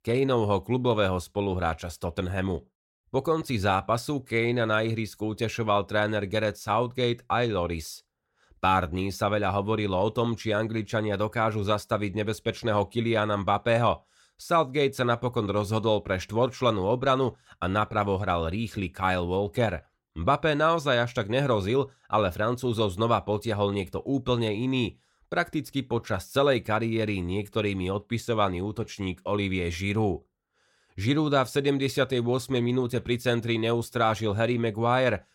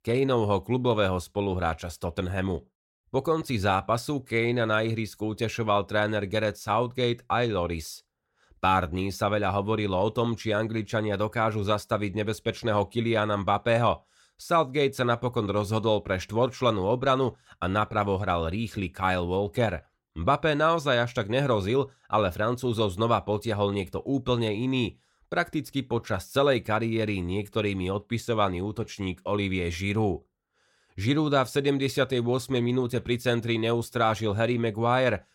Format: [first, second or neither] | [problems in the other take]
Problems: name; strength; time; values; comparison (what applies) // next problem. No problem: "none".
neither | none